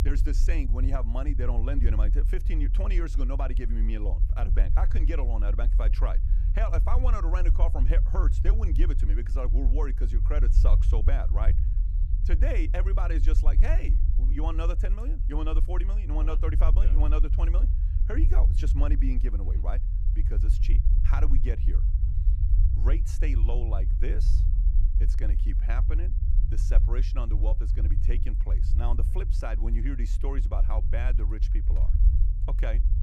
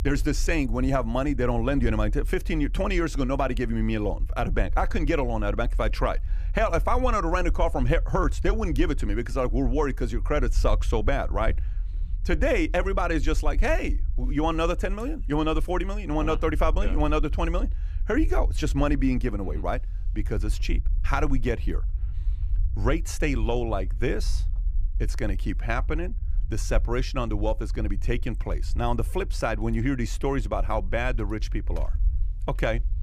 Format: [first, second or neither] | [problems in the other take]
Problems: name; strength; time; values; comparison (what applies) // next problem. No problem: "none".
second | low rumble; loud; throughout; 8 dB below the speech; faint in the second